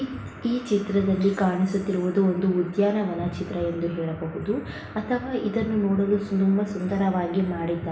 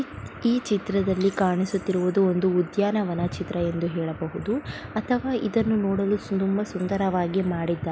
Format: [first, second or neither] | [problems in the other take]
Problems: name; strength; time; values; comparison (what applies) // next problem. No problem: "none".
second | room echo; dies away in 0.8 s